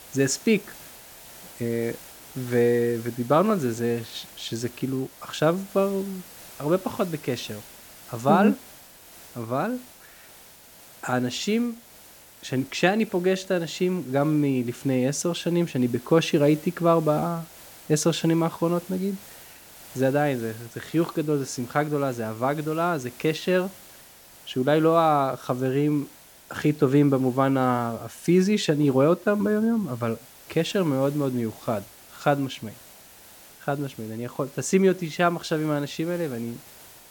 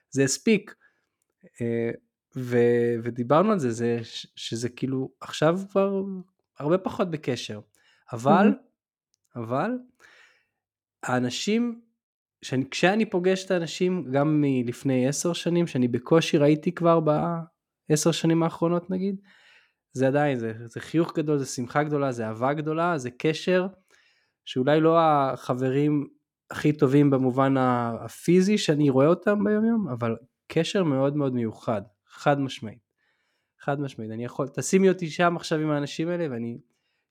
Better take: second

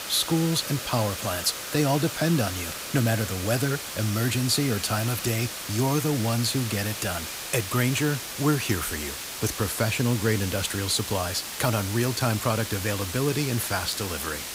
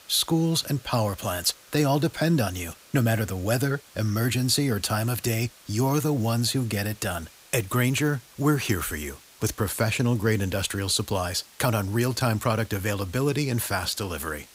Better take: second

